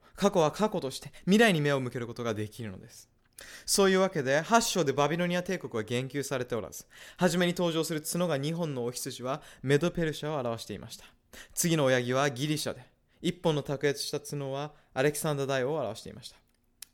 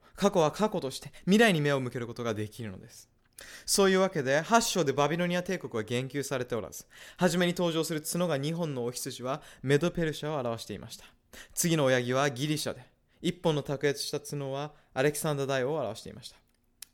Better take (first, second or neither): neither